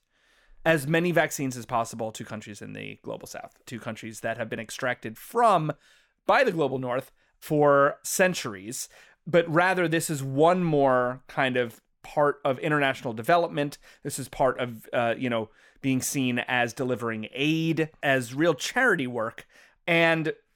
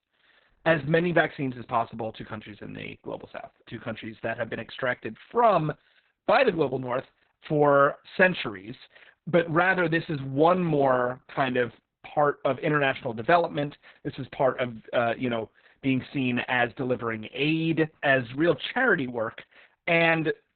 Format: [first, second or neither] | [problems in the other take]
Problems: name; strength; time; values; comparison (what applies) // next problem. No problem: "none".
first | garbled, watery; badly; nothing above 4 kHz